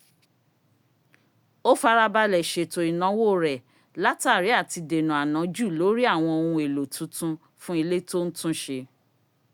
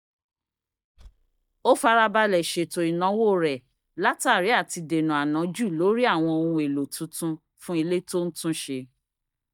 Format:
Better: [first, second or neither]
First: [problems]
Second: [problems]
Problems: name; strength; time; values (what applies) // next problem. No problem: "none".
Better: first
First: none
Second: noise reduction (neural mask model DeepFilterNet 3)